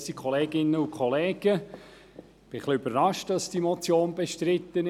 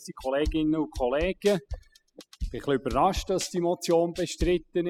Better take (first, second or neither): first